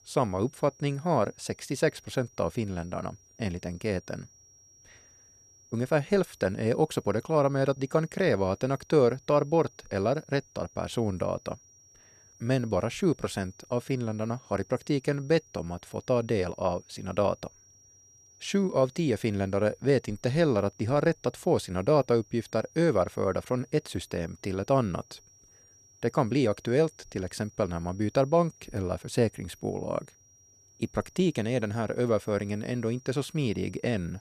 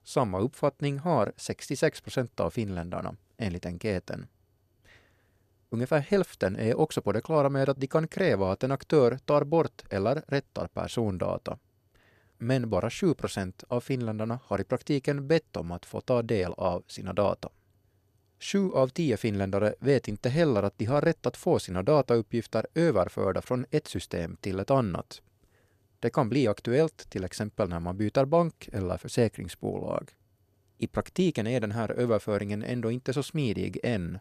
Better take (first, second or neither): second